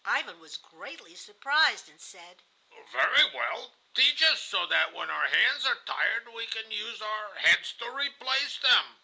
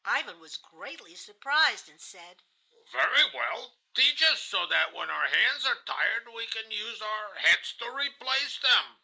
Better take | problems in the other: first | noise reduction (neural mask model Resemble Enhance denoiser)

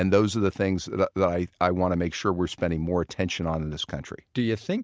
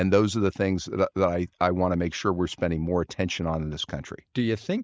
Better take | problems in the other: first | noise reduction (neural mask model Resemble Enhance denoiser)

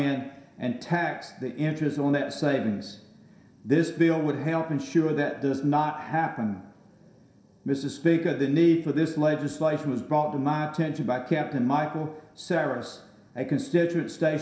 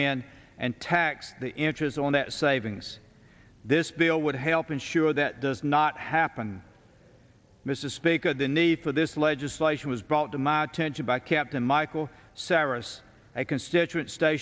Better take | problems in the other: second | room echo; dies away in 0.7 s

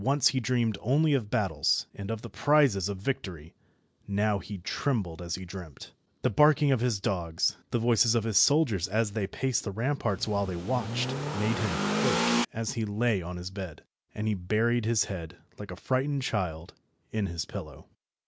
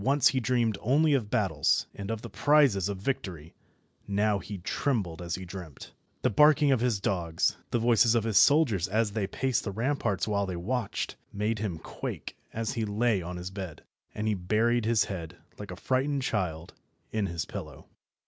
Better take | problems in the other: second | background sound (Accelerating, revving, vroom / Car); 1 dB below the speech

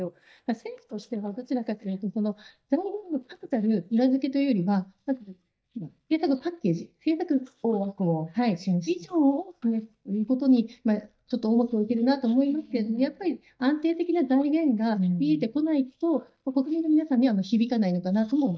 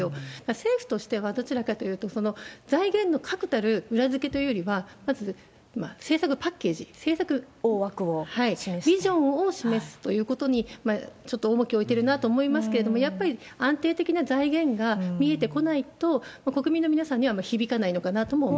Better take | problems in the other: second | noise reduction (neural mask model DeepFilterNet 3)

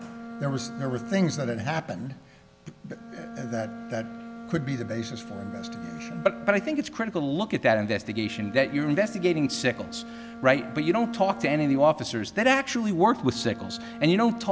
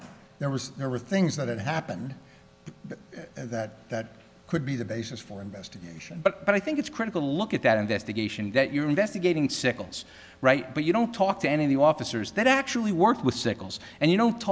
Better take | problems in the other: second | background sound (Bowed string instrument); 14 dB below the speech

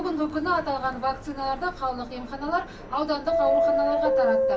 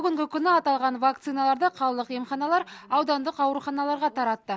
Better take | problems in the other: second | background sound (Subway, metro, underground); 1 dB above the speech // room echo; dies away in 0.3 s

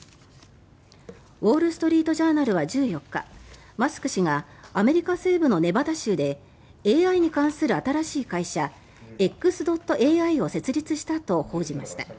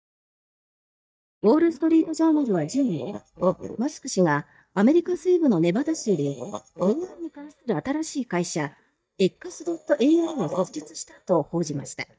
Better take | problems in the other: first | noise reduction (neural mask model DeepFilterNet 3)

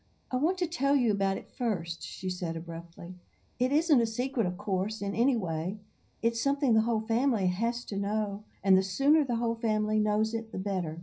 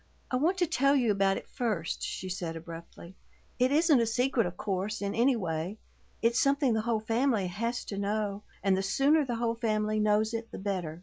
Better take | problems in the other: second | room echo; dies away in 0.4 s

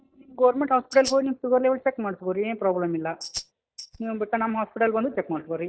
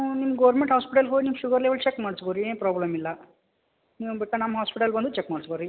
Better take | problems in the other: second | noise reduction (neural mask model DeepFilterNet 3)

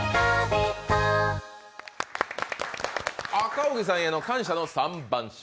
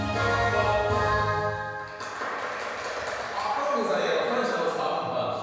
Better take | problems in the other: first | room echo; dies away in 1.9 s

